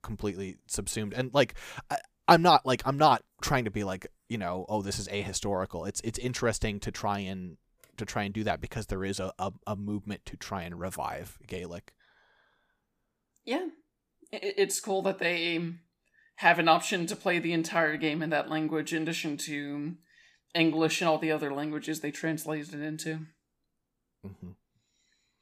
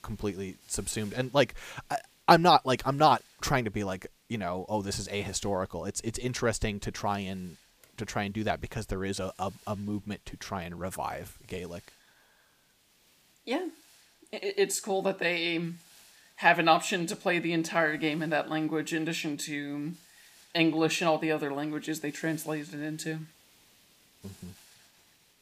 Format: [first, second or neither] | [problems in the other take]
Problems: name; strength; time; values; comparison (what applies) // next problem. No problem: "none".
first | hiss; faint; throughout; 30 dB below the speech